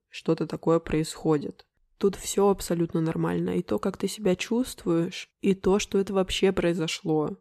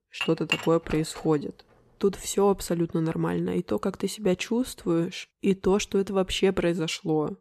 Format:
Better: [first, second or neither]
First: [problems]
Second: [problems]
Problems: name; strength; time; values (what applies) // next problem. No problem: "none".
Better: first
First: none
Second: clattering dishes; noticeable; at the start; peak 2 dB below the speech